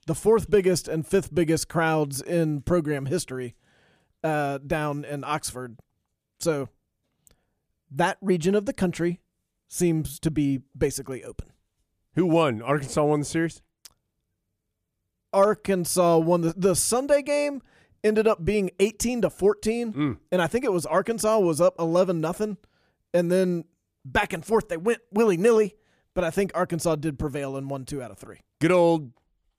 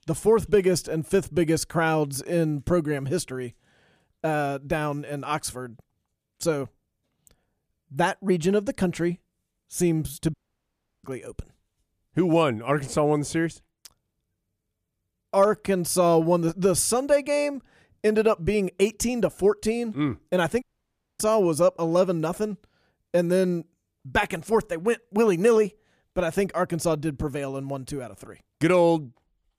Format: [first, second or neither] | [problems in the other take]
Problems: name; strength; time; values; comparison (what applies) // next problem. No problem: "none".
first | audio cutting out; at 10 s for 0.5 s and at 21 s for 0.5 s